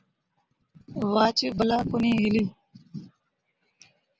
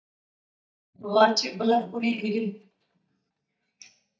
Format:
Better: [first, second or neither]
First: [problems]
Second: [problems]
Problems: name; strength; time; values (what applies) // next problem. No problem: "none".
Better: first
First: none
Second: noise reduction (neural mask model DeepFilterNet 3)